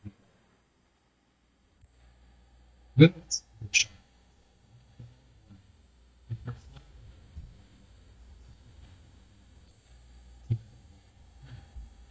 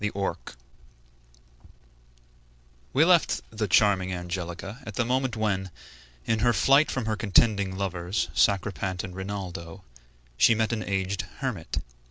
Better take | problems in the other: second | noise reduction (neural mask model DeepFilterNet 3)

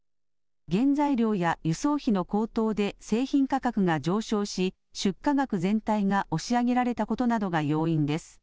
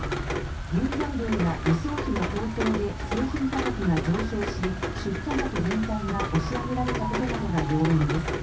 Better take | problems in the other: first | background sound (Rain); 2 dB below the speech // room echo; dies away in 0.3 s

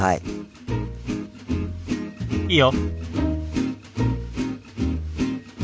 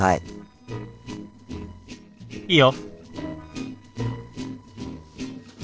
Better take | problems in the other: first | noise reduction (neural separator model SepFormer DNS4)

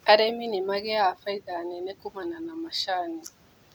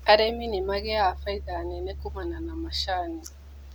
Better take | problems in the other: first | background sound (Engine); 10 dB below the speech

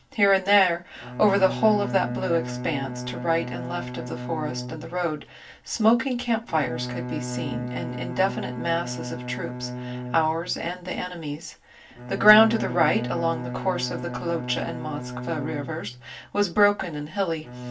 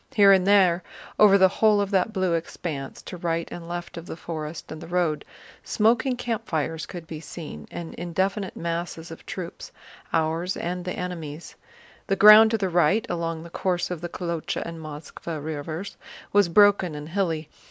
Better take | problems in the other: second | background sound (Bowed string instrument); 8 dB below the speech // room echo; dies away in 0.2 s

